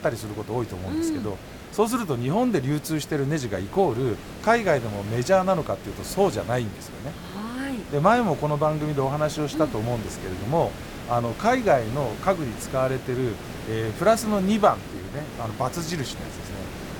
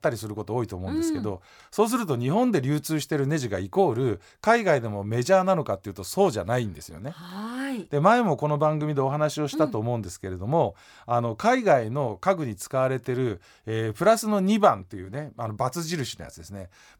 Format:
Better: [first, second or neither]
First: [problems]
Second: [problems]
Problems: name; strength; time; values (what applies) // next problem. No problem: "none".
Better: second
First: hiss; noticeable; throughout; 15 dB below the speech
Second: none